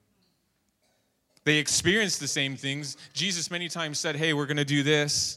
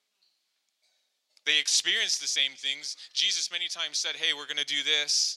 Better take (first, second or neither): first